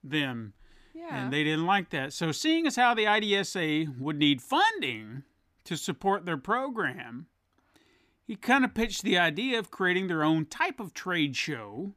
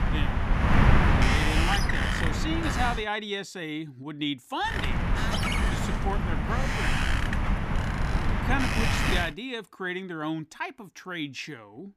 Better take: first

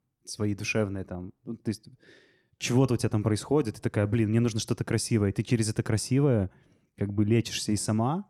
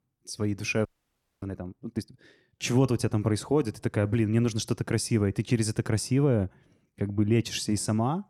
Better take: first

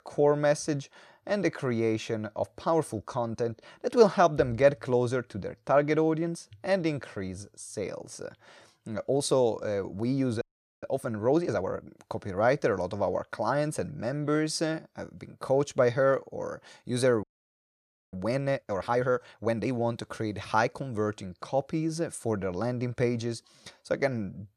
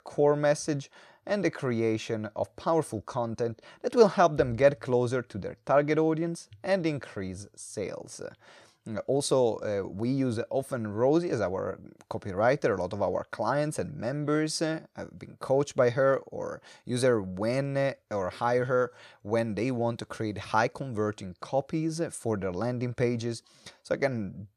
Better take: second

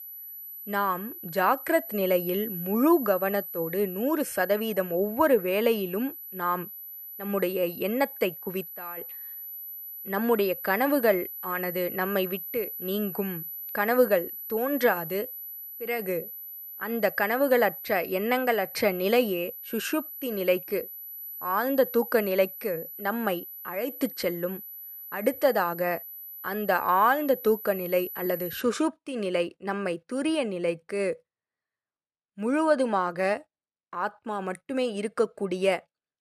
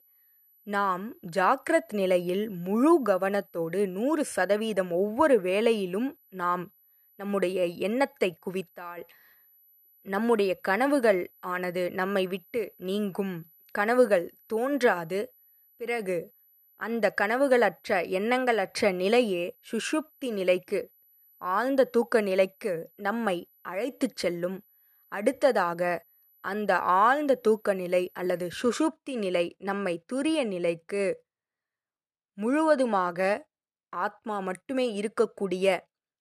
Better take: second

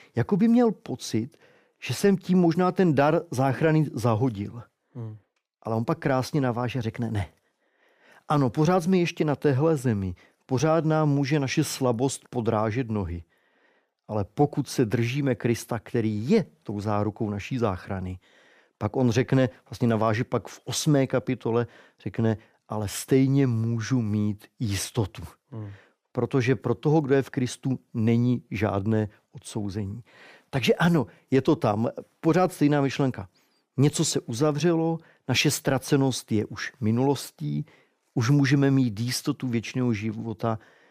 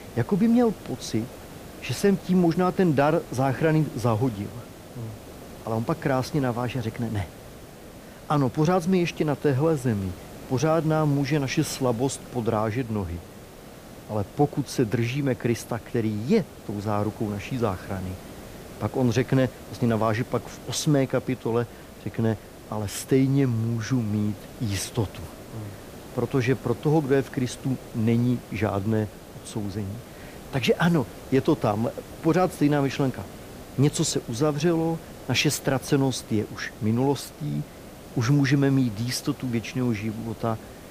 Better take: first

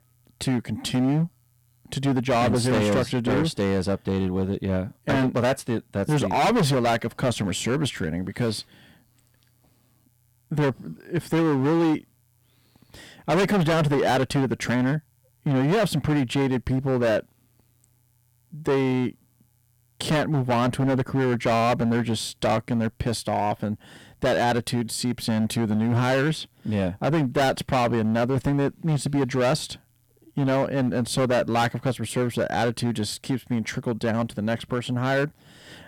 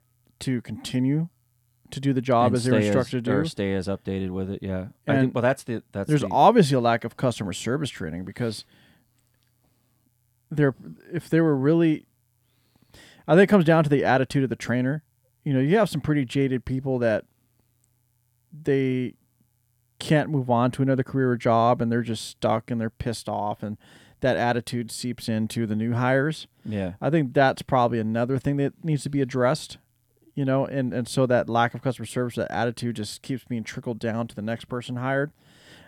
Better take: second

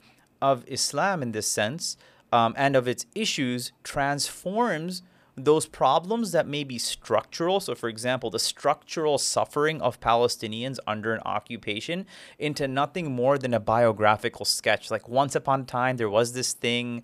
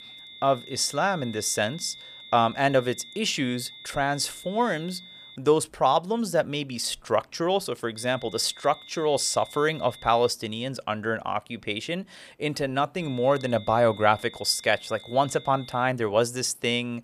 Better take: first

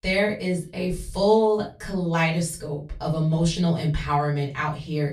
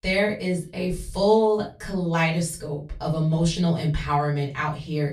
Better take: neither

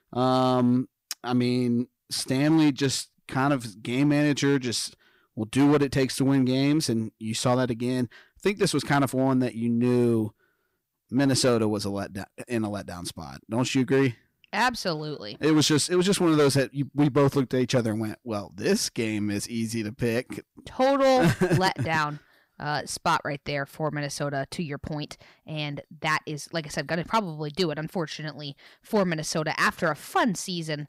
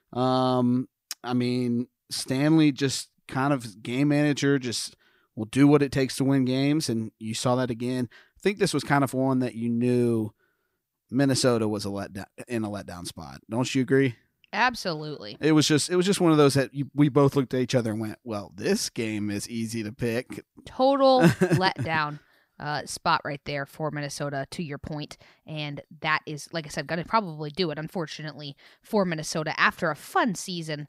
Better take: second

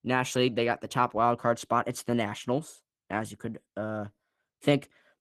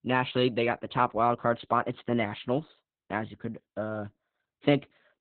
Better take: first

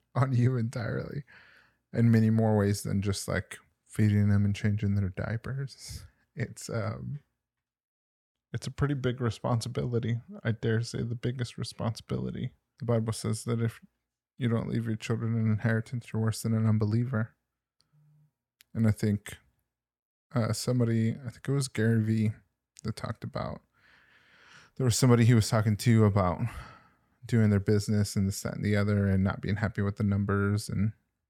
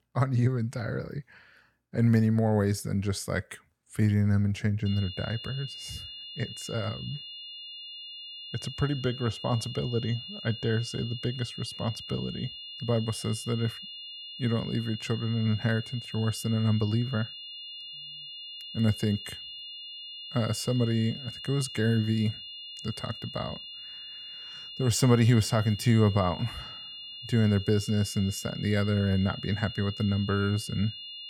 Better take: first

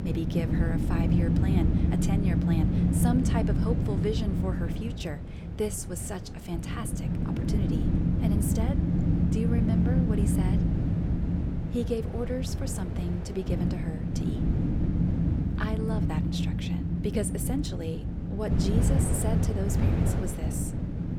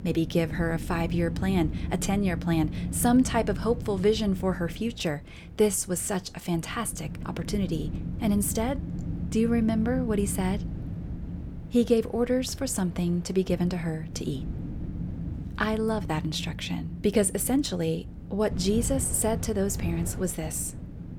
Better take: second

